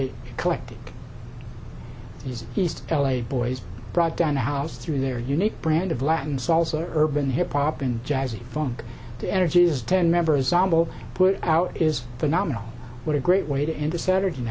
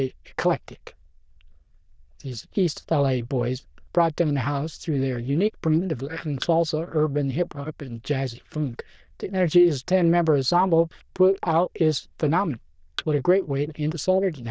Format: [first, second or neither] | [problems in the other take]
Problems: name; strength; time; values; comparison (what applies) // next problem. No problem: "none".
first | noise reduction (neural diffusion model UNIVERSE++)